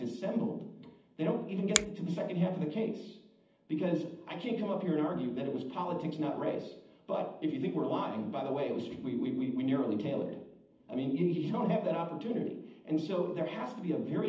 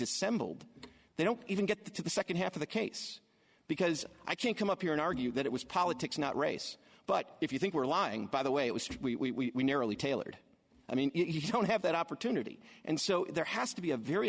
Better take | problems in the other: second | background sound (Finger snapping); 4 dB below the speech // room echo; dies away in 0.8 s

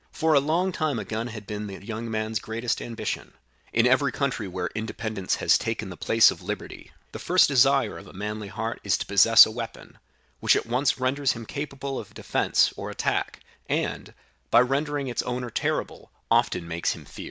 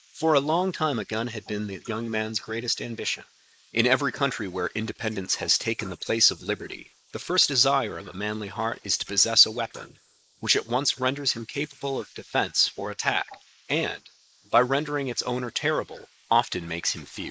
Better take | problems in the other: first | noise reduction (neural mask model Resemble Enhance denoiser)

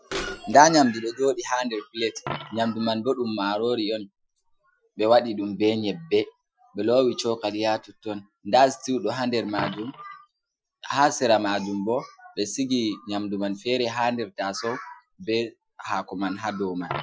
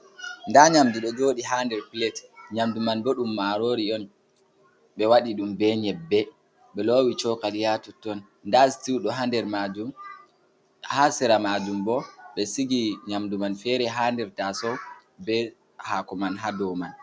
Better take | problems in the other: second | noise reduction (classical method Wiener filter)

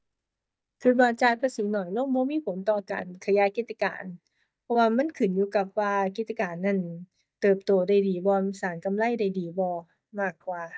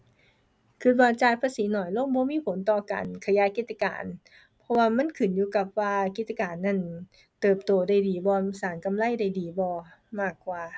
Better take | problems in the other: second | noise reduction (neural mask model DeepFilterNet 3)

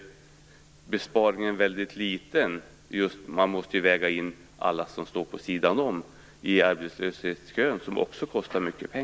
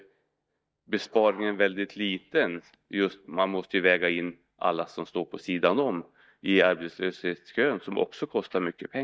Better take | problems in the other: first | noise reduction (neural mask model DeepFilterNet 3)

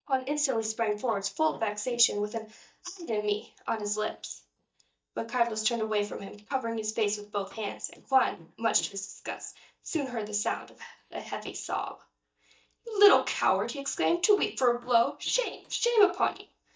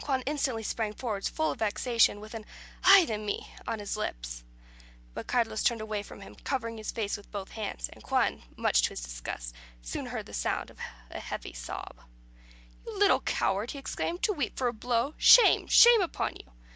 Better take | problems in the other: second | noise reduction (neural mask model DeepFilterNet 3)

